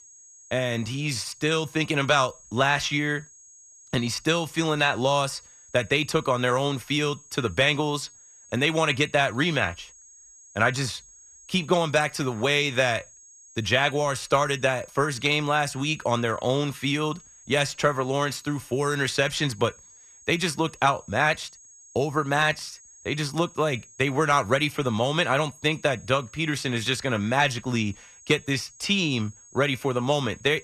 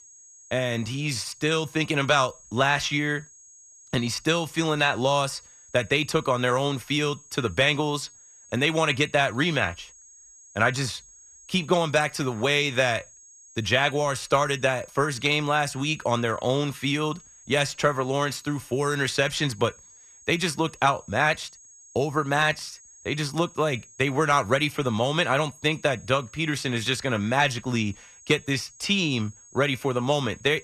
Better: neither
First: high-pitched whine; faint; throughout; 6.5 kHz, 25 dB below the speech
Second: high-pitched whine; faint; throughout; 6.5 kHz, 25 dB below the speech

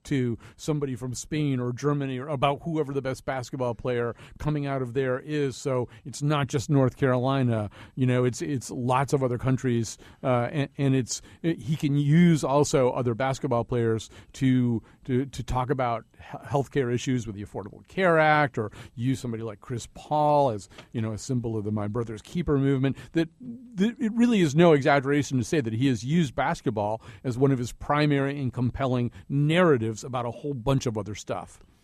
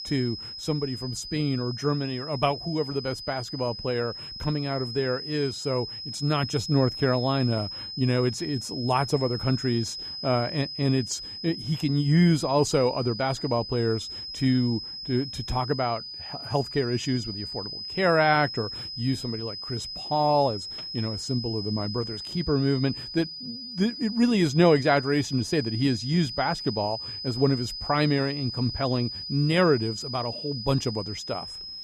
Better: first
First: none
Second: high-pitched whine; loud; throughout; 5 kHz, 8 dB below the speech

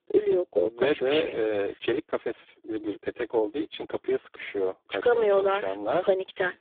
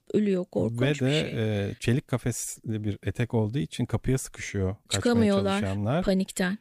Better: second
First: phone-call audio; poor line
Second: none

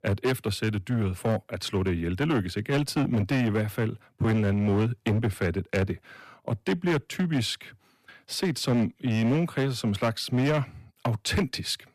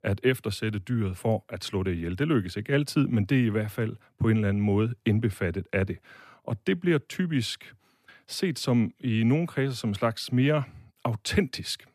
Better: second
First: distortion; slight; 11% of the sound clipped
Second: none

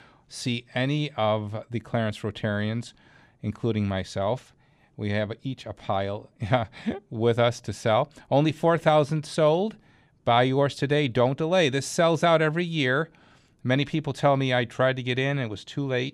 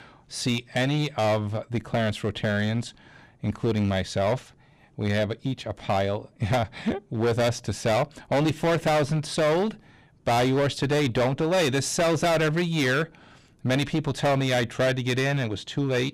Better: first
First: none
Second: distortion; heavy; 15% of the sound clipped

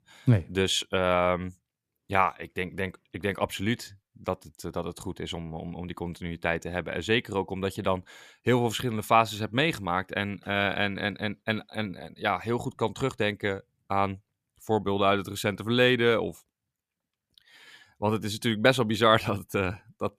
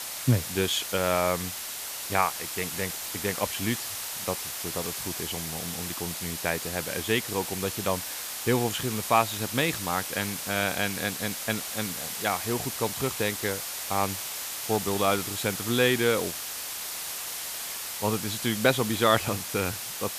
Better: first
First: none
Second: hiss; loud; throughout; 3 dB below the speech

